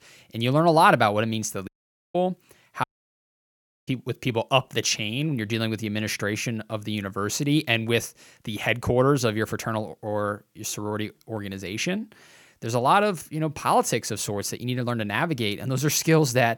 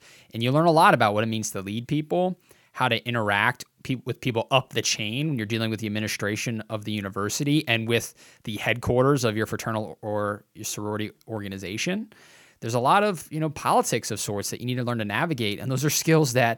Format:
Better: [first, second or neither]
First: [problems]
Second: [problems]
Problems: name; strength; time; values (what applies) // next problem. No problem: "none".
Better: second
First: audio cutting out; at 1.5 s and at 3 s for 1 s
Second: none